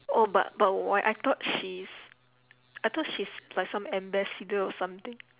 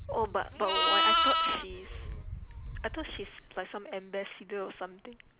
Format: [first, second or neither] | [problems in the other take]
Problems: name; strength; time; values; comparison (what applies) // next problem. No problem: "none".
first | background sound (Livestock, farm animals, working animals); 4 dB above the speech